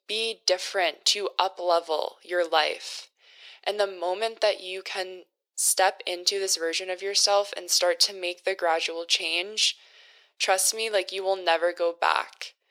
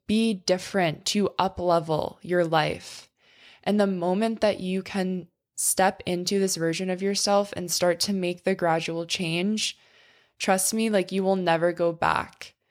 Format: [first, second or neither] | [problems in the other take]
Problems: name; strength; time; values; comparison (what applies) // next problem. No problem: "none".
second | thin; very; fading below 400 Hz